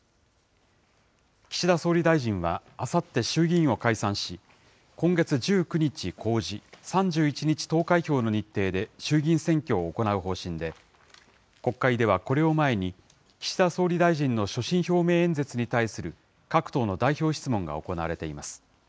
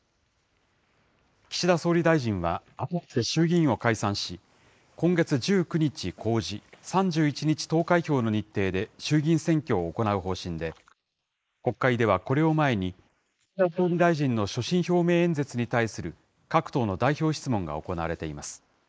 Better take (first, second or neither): first